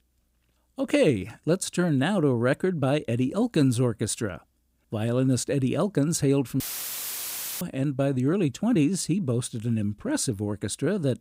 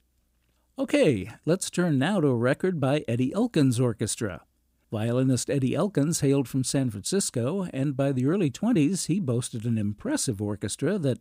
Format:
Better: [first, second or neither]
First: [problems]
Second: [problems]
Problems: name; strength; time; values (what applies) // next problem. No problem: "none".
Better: second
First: audio cutting out; filled with static; at 6.5 s for 1 s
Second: none